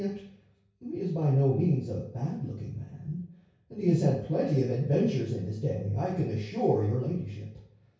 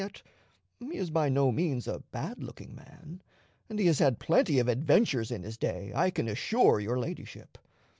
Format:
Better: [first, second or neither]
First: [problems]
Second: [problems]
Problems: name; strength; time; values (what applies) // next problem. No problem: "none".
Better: second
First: room echo; dies away in 0.6 s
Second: none